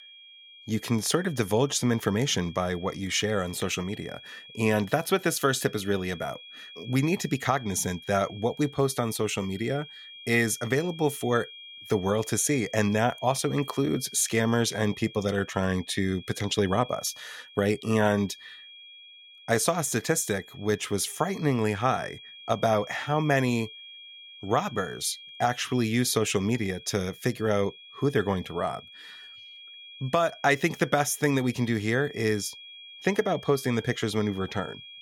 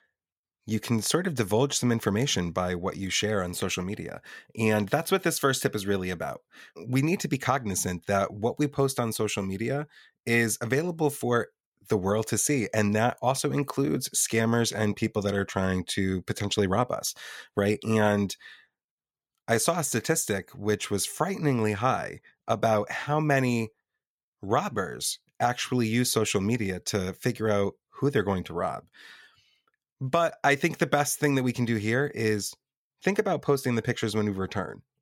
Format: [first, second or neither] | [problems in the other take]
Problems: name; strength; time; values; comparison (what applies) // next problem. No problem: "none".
second | high-pitched whine; noticeable; throughout; 3.5 kHz, 20 dB below the speech